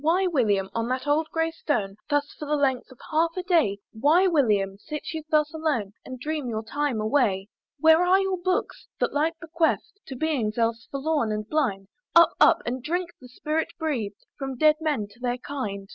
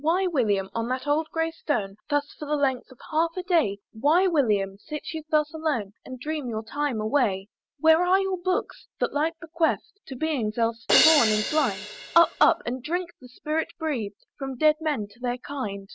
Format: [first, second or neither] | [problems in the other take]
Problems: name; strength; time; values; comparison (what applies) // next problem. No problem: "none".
first | background sound (Crash cymbal); 1 dB below the speech